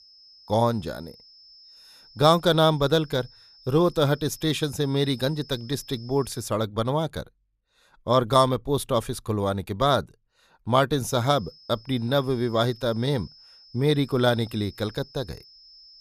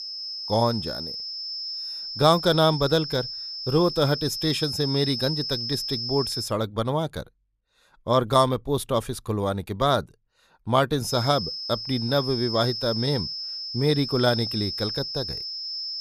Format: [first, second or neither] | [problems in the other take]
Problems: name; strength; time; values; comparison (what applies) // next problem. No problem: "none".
first | high-pitched whine; loud; until 6.5 s and from 11 s on; 5 kHz, 5 dB below the speech; faint in the first